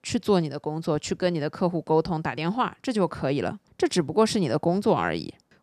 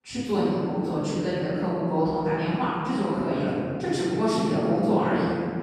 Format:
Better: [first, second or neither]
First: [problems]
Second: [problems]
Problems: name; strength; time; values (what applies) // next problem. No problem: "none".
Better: first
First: none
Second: off-mic speech; far // room echo; strong; dies away in 2.5 s